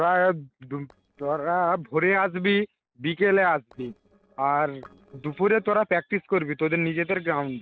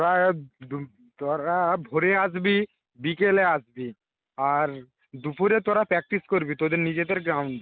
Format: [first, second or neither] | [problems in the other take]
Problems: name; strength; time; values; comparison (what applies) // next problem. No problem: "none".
second | noise reduction (neural separator model SepFormer DNS4)